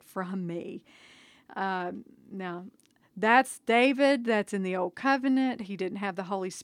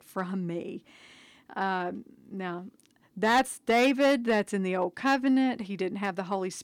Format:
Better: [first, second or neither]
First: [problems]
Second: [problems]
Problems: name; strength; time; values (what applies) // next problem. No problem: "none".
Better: first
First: none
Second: distortion; slight; 2% of the sound clipped